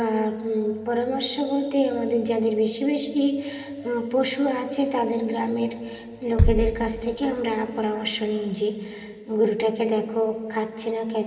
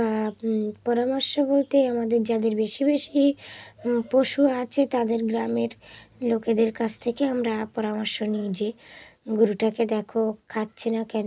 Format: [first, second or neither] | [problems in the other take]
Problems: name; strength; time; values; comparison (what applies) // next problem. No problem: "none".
second | background sound (Bass drum); 4 dB below the speech // room echo; dies away in 2.6 s